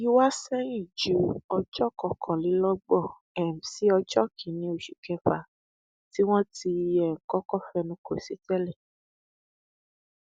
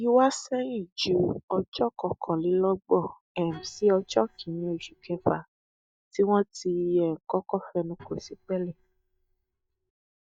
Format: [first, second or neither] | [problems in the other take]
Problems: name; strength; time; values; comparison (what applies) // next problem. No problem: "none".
first | noise reduction (neural mask model DeepFilterNet 3)